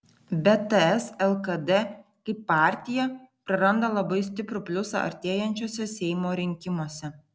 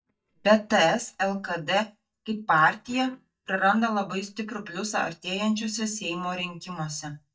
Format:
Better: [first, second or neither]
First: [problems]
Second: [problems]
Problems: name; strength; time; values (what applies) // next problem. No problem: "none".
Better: first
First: none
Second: noise reduction (neural mask model DeepFilterNet 3)